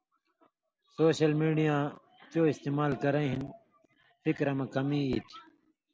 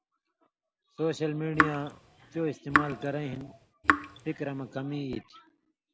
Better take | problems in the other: first | background sound (Raindrop / Drip); 3 dB above the speech

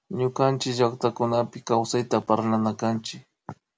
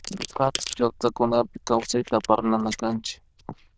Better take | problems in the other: first | noise reduction (neural diffusion model UNIVERSE++)

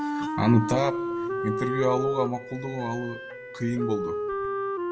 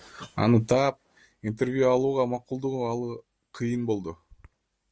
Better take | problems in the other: second | background sound (Wind instrument, woodwind instrument); 2 dB below the speech // room echo; dies away in 1.3 s

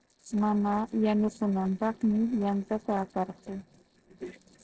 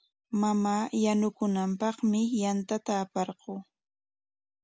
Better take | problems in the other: second | noise reduction (neural separator model SepFormer DNS4)

